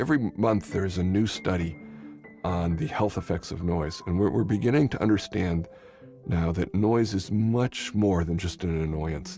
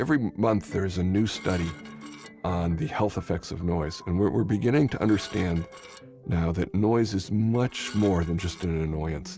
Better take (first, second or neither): first